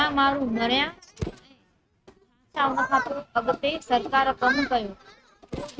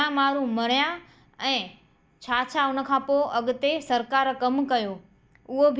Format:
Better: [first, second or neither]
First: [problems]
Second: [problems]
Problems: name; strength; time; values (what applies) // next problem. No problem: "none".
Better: second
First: noise reduction (neural mask model RNNoise)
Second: none